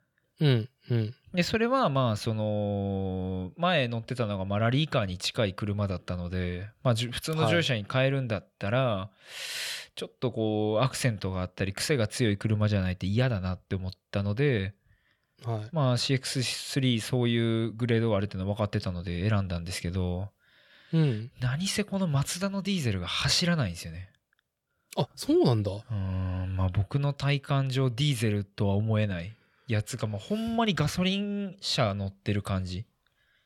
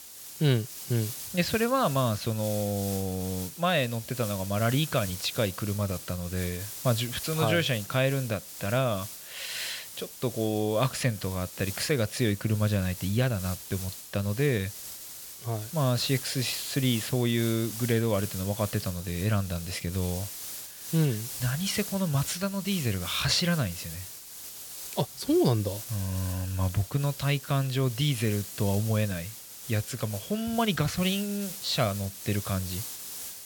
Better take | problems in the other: first | hiss; loud; throughout; 9 dB below the speech

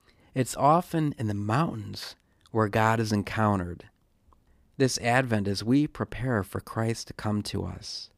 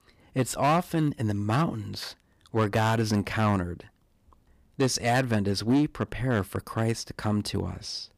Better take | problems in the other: first | distortion; slight; 4% of the sound clipped

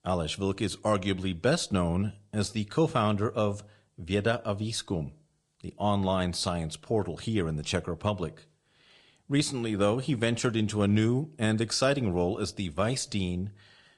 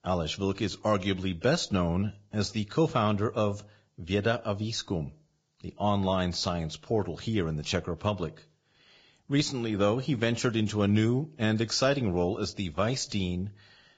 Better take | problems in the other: first | garbled, watery; badly; nothing above 7.5 kHz; slightly in the first

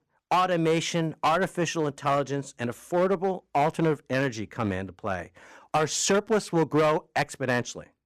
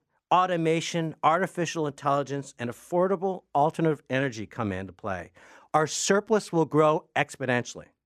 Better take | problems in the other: second | distortion; slight; 5% of the sound clipped

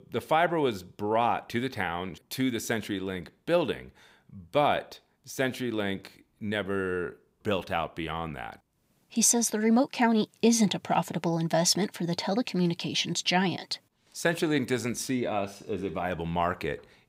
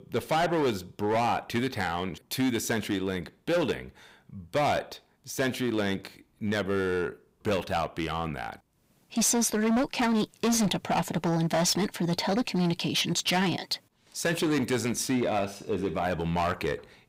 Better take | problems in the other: first | distortion; heavy; 12% of the sound clipped

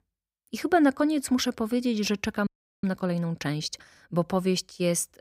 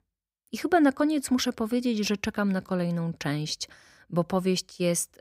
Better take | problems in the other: second | audio freezing; at 2.5 s

